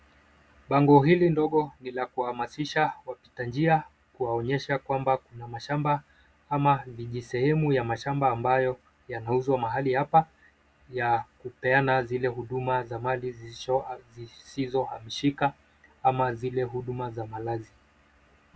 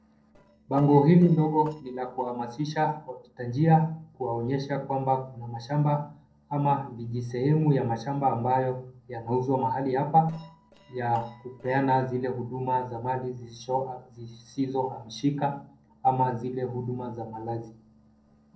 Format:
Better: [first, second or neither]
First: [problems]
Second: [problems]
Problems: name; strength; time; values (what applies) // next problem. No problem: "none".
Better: first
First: none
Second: noise reduction (neural separator model SepFormer DNS4)